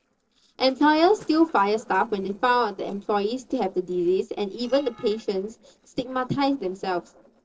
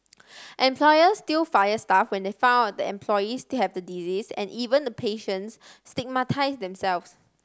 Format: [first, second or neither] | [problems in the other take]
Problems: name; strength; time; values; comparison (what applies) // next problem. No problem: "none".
second | noise reduction (neural separator model SepFormer DNS4)